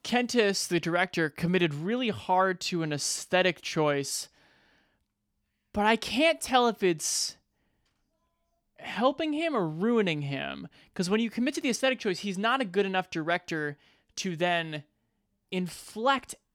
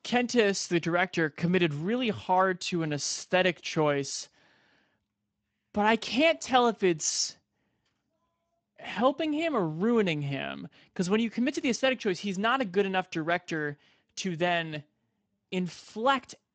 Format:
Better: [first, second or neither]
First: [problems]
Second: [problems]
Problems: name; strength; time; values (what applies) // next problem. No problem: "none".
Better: first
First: none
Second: garbled, watery; slightly; nothing above 7.5 kHz